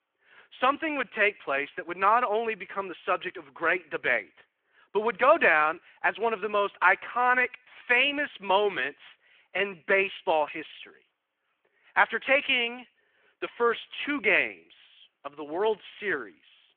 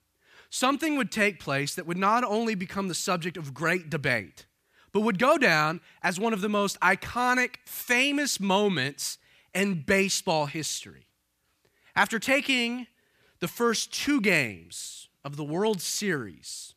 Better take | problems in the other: second | phone-call audio

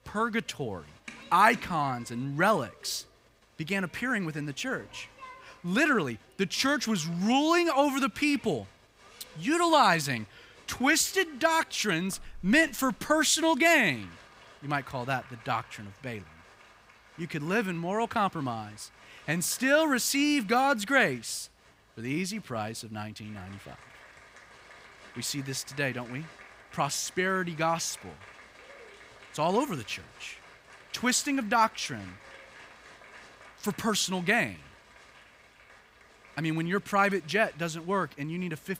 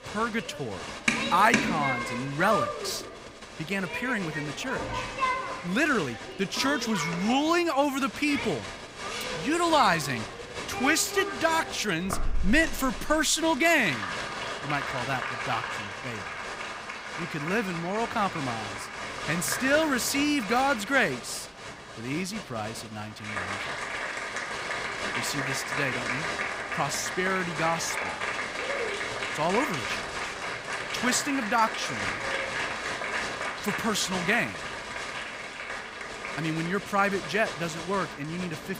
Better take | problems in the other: first | crowd noise; loud; throughout; 5 dB below the speech; faint in the first

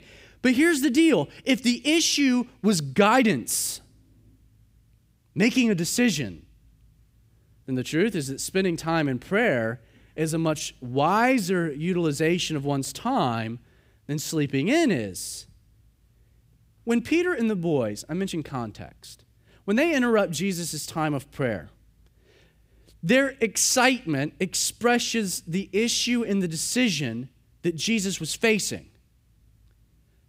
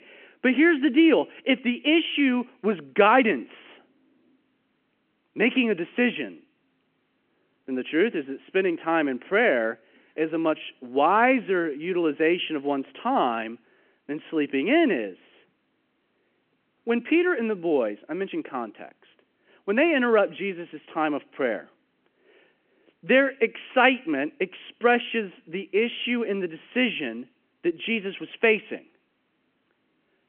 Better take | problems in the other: first | phone-call audio; nothing above 3 kHz

